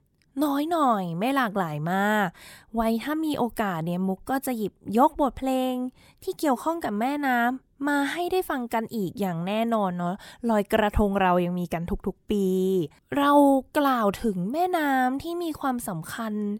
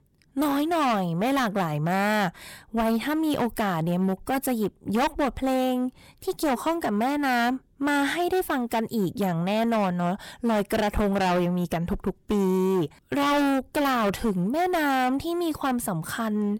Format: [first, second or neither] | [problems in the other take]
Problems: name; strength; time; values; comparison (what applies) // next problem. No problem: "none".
first | distortion; heavy; 21% of the sound clipped